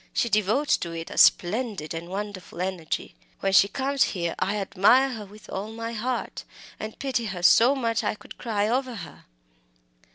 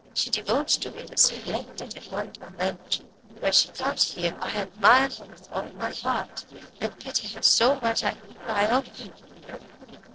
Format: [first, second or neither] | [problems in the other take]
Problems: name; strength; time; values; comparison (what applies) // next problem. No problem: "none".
first | noise reduction (neural separator model SepFormer DNS4)